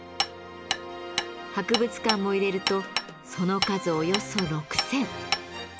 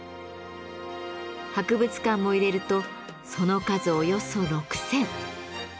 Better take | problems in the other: second | background sound (Hammer); 4 dB below the speech

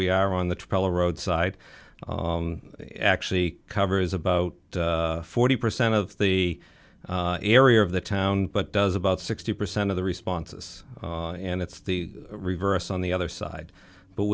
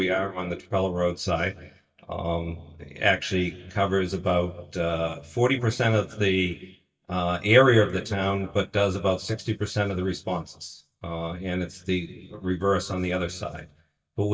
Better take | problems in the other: first | noise reduction (neural mask model DeepFilterNet 3)

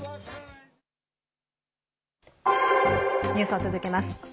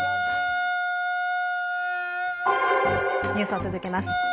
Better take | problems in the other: first | background sound (Wind instrument, woodwind instrument); 2 dB above the speech

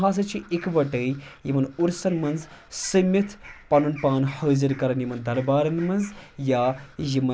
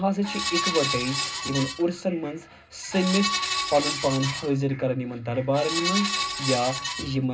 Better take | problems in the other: first | background sound (Screech); 3 dB below the speech // room echo; dies away in 0.2 s

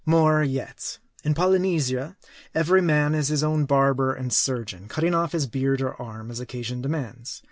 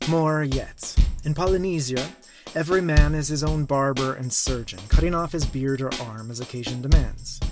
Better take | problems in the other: first | background sound (Bass drum / Snare drum / Drum kit); as loud as the speech

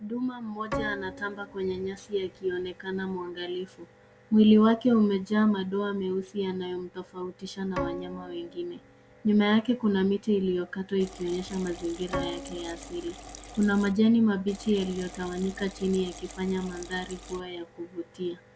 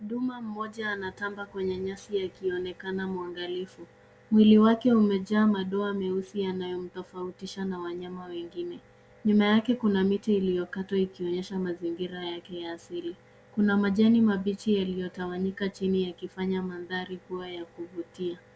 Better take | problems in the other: second | background sound (Liquid + Bowed string instrument); 14 dB below the speech

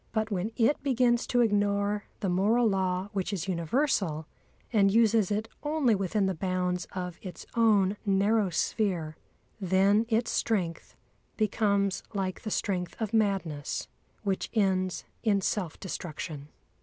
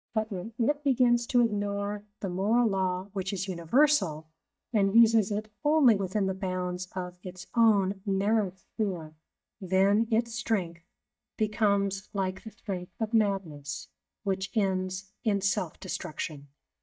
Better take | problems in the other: first | noise reduction (neural mask model DeepFilterNet 3)

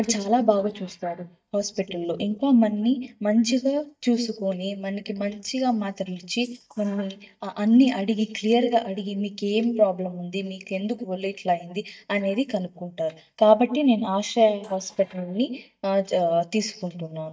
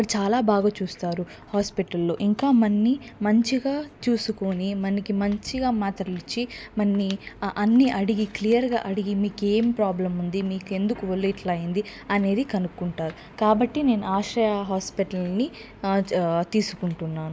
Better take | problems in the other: second | noise reduction (neural mask model DeepFilterNet 3)

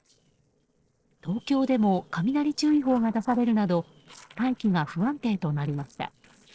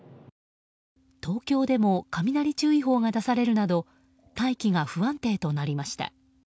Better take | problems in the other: second | noise reduction (neural separator model SepFormer DNS4)

